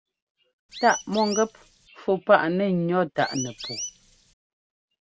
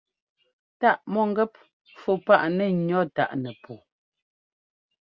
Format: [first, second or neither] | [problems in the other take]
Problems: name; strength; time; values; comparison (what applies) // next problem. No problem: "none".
second | background sound (Chirp, tweet); 11 dB below the speech